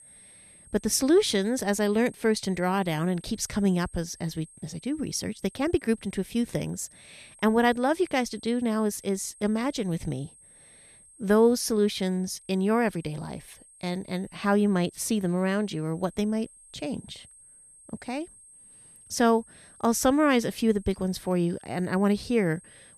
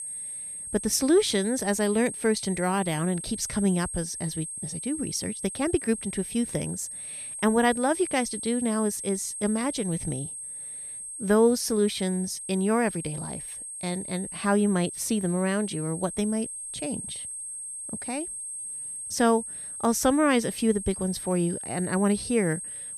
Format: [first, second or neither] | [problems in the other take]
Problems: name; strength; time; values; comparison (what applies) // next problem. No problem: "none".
first | high-pitched whine; loud; throughout; 8.5 kHz, 7 dB below the speech; faint in the first